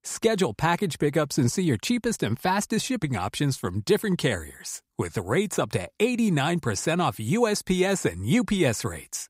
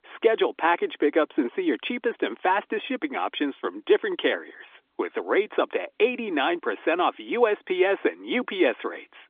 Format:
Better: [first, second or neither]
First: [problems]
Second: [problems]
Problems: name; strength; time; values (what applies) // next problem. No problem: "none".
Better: first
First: none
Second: phone-call audio; nothing above 3.5 kHz